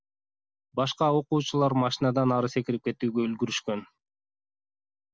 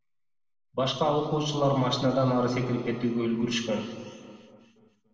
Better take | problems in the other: first | room echo; dies away in 2 s

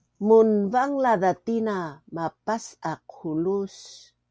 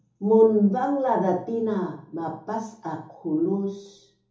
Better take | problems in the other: first | room echo; dies away in 1 s

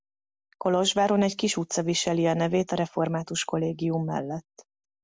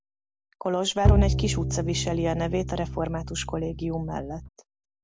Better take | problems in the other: first | background sound (Bowed string instrument); 2 dB above the speech

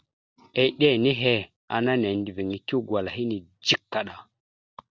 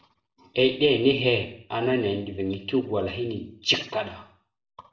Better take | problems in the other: first | room echo; dies away in 0.6 s

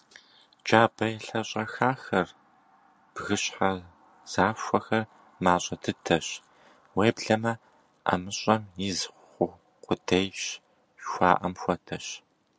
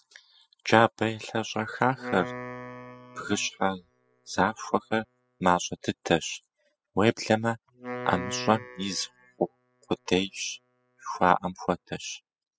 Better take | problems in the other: first | noise reduction (classical method spectral subtraction)

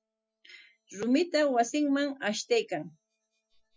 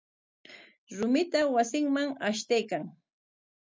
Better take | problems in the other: second | noise reduction (classical method Wiener filter)

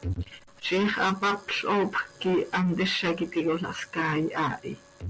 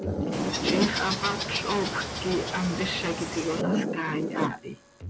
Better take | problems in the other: first | background sound (Water / Bird + Zipper (clothing)); as loud as the speech

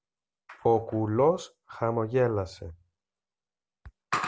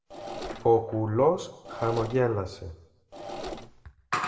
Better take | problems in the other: first | background sound (Engine / Mechanisms); 12 dB below the speech // room echo; dies away in 0.8 s

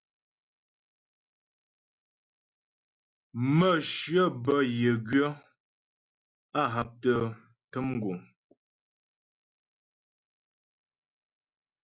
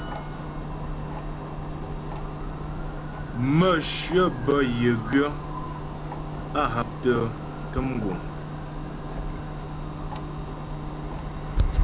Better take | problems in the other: first | background sound (Clock); 2 dB below the speech

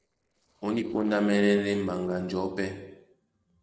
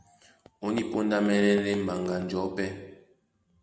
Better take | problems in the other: second | noise reduction (neural separator model SepFormer DNS4)

